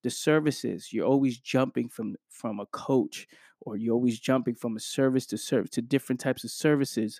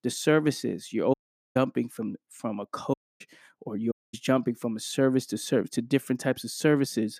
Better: first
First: none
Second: audio cutting out; at 1 s, at 3 s and at 4 s

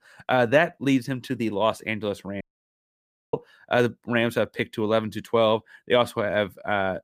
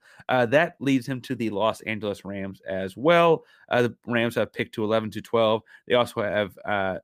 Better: second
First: audio cutting out; at 2.5 s for 1 s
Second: none

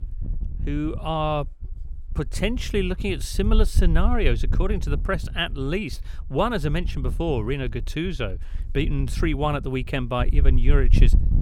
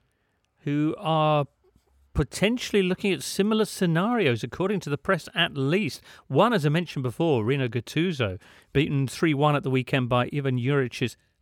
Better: second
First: wind noise on the microphone; occasional gusts; 15 dB below the speech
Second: none

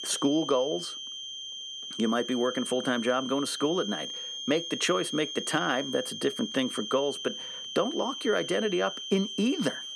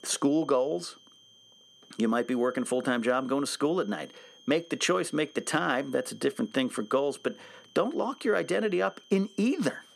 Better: second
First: high-pitched whine; loud; throughout; 3 kHz, 6 dB below the speech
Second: high-pitched whine; faint; throughout; 3 kHz, 25 dB below the speech

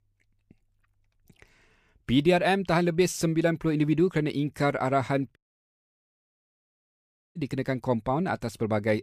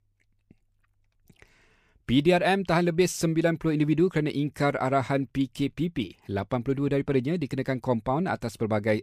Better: second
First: audio cutting out; at 5.5 s for 2 s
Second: none

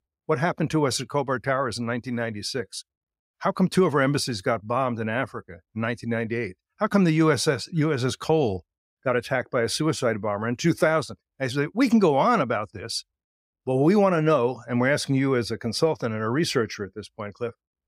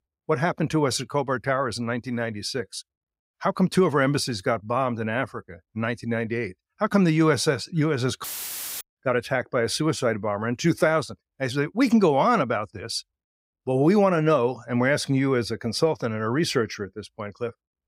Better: first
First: none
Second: audio cutting out; filled with static; at 8 s for 0.5 s

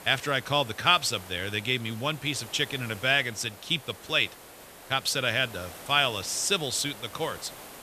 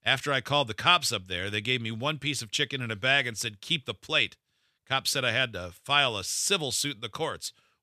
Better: second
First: hiss; noticeable; throughout; 15 dB below the speech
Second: none

